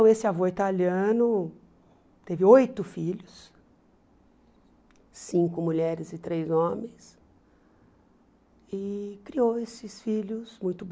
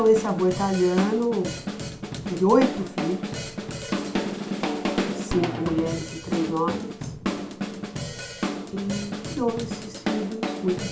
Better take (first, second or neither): first